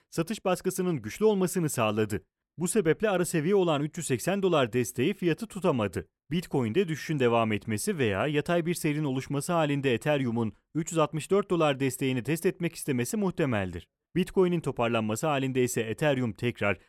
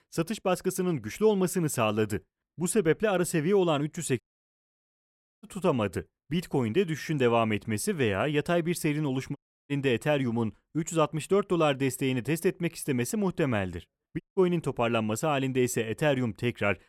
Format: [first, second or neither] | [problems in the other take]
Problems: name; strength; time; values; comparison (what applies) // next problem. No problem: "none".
first | audio cutting out; at 4 s for 1 s, at 9.5 s and at 14 s